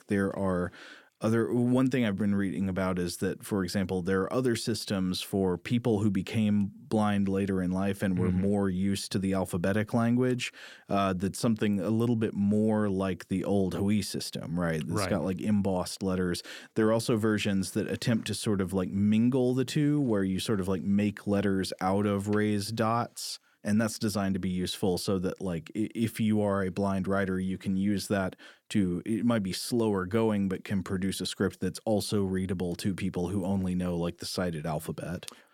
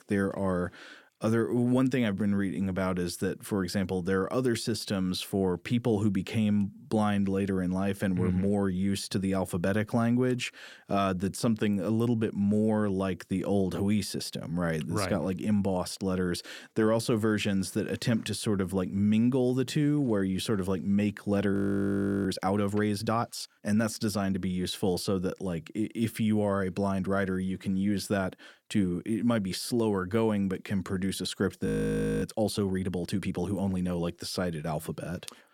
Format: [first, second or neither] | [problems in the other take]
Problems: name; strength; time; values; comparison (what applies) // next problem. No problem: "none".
first | audio freezing; at 22 s for 0.5 s and at 32 s for 0.5 s